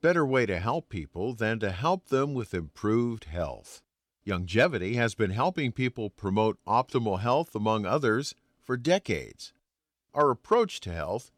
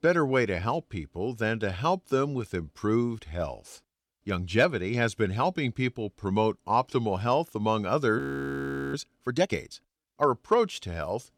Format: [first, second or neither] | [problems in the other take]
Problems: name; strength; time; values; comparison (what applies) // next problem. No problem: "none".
first | audio freezing; at 8 s for 1 s